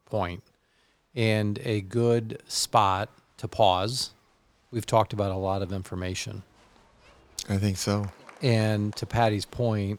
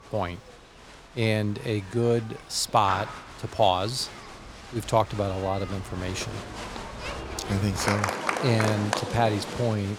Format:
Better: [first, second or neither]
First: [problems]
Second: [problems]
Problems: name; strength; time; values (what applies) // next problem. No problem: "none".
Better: first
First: crowd noise; faint; throughout; 30 dB below the speech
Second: crowd noise; loud; throughout; 7 dB below the speech